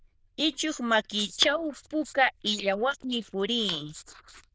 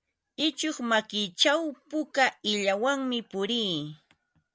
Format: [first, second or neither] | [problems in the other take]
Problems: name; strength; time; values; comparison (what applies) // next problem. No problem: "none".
second | noise reduction (neural diffusion model UNIVERSE++)